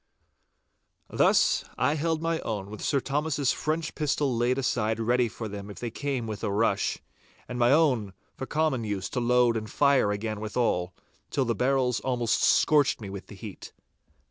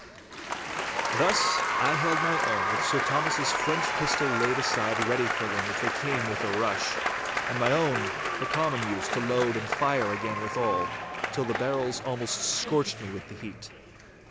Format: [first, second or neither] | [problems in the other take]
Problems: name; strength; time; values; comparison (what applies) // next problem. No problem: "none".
first | background sound (Applause); 1 dB above the speech